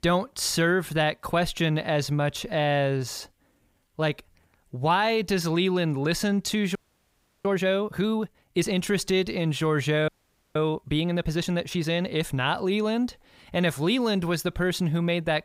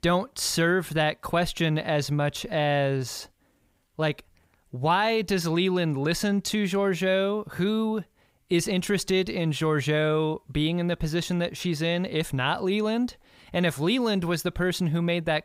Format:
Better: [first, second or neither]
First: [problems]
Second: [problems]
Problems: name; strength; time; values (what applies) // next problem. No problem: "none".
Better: second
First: audio freezing; at 7 s for 0.5 s and at 10 s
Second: none